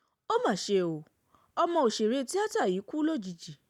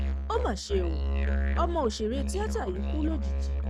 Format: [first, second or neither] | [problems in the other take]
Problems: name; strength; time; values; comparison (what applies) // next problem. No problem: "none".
first | noise reduction (neural mask model RNNoise)